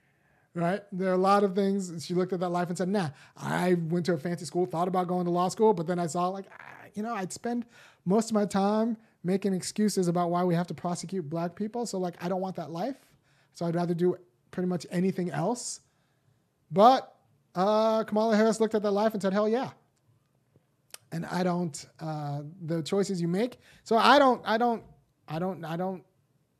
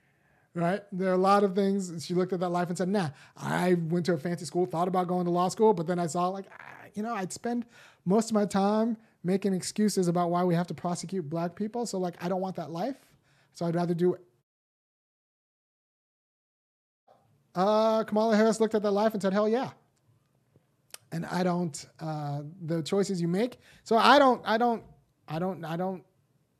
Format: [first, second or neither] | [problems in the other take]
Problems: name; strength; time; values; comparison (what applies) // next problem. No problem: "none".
first | audio cutting out; at 14 s for 2.5 s